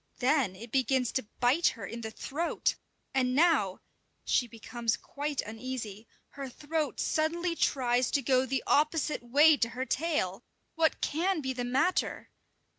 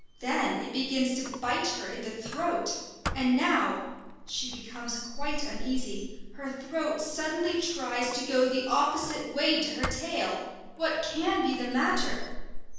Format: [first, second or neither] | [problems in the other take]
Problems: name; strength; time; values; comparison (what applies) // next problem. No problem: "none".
first | background sound (Squeak); 8 dB below the speech // room echo; dies away in 1.3 s